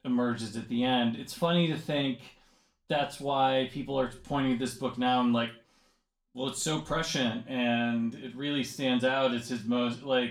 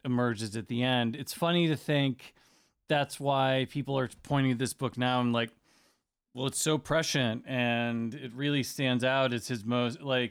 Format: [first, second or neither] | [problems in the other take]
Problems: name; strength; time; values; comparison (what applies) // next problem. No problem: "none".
second | room echo; slight; dies away in 0.3 s // off-mic speech; far